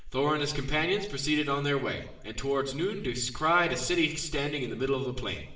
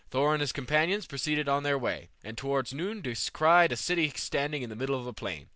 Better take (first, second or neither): second